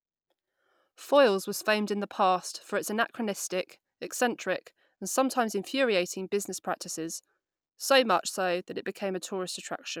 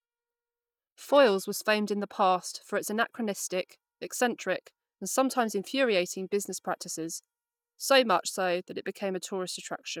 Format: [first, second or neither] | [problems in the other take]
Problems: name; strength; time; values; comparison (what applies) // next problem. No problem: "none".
first | noise reduction (neural mask model DeepFilterNet 3)